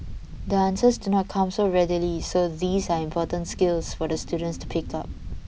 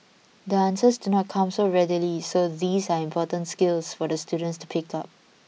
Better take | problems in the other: second | background sound (Wind); 11 dB below the speech

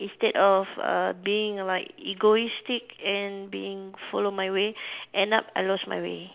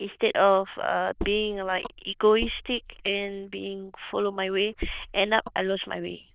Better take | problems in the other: first | noise reduction (neural diffusion model UNIVERSE++)

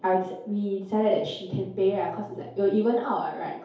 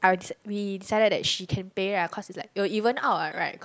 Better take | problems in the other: second | room echo; dies away in 2.4 s

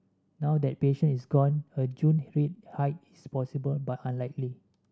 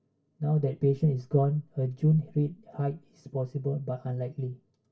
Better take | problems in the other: first | room echo; dies away in 0.1 s

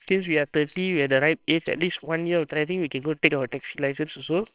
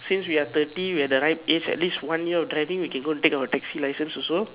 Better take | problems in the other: second | noise reduction (neural separator model SepFormer WHAMR!)

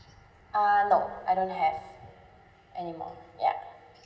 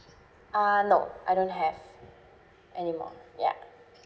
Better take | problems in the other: second | room echo; dies away in 2.4 s

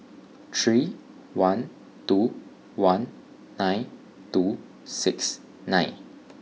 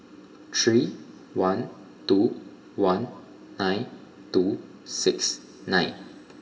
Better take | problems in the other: first | room echo; dies away in 1.5 s

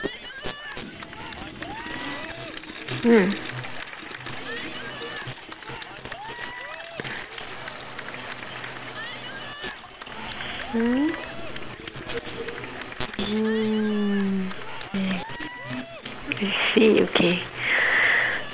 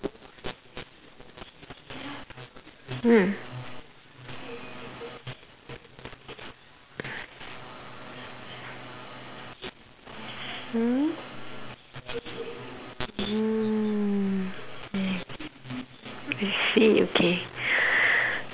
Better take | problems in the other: second | background sound (Toilet flush + Cheering / Clapping); 11 dB below the speech

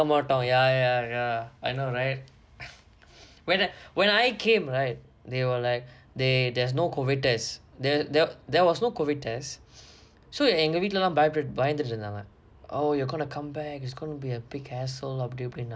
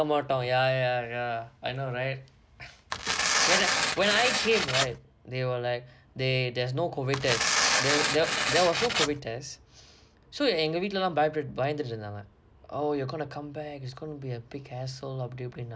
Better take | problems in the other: first | background sound (Tearing); 3 dB above the speech

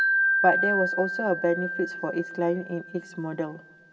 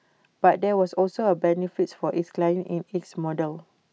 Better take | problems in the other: second | background sound (Wind chime); as loud as the speech // room echo; dies away in 2.3 s

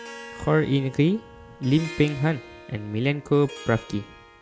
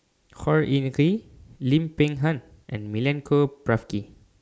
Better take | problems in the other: second | background sound (Harp); 17 dB below the speech

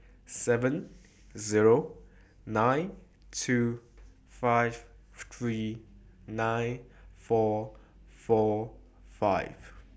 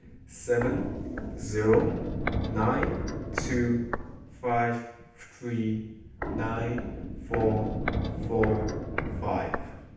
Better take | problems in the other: first | background sound (Walk, footsteps); 3 dB below the speech // room echo; dies away in 0.9 s

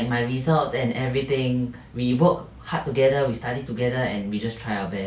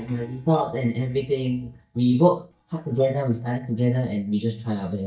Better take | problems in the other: first | noise reduction (neural mask model DeepFilterNet 3)

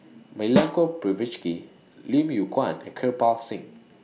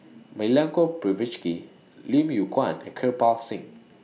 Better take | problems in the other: second | background sound (Snare drum); 4 dB below the speech

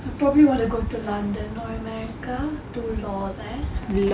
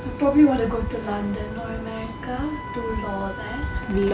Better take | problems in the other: first | background sound (Wind instrument, woodwind instrument); 13 dB below the speech

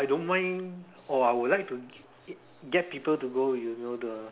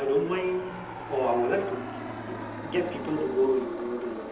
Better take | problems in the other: first | background sound (Aircraft); 9 dB below the speech // room echo; dies away in 1.2 s

